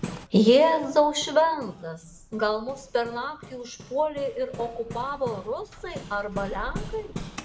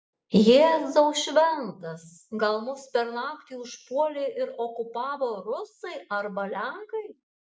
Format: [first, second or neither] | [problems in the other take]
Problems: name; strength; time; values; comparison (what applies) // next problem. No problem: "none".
second | background sound (Hammer); 14 dB below the speech